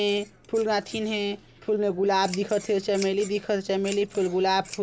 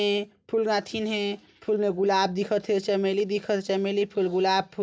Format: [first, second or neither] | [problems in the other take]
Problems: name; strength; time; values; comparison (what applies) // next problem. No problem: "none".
second | background sound (Scissors); 19 dB below the speech